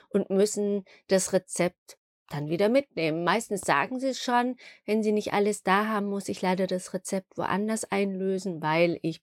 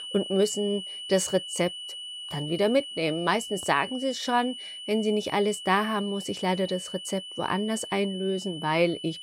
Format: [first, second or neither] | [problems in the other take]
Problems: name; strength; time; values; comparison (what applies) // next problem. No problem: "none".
first | high-pitched whine; loud; throughout; 3 kHz, 9 dB below the speech